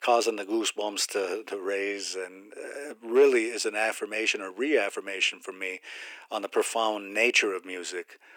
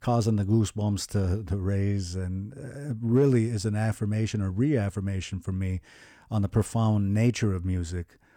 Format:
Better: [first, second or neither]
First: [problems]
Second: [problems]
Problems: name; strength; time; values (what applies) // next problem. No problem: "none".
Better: second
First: thin; very; fading below 350 Hz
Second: none